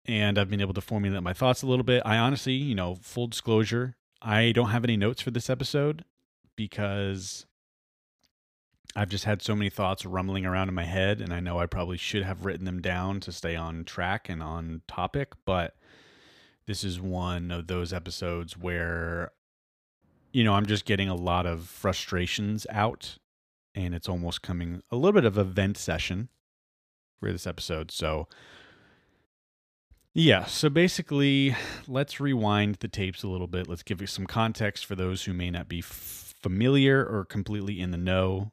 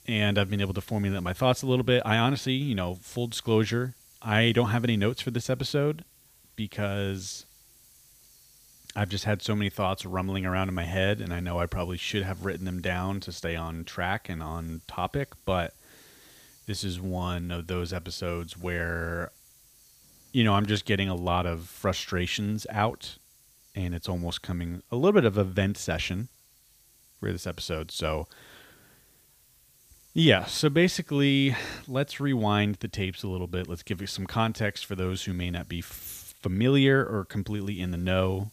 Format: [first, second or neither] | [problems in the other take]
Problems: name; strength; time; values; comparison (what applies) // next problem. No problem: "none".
first | hiss; faint; throughout; 25 dB below the speech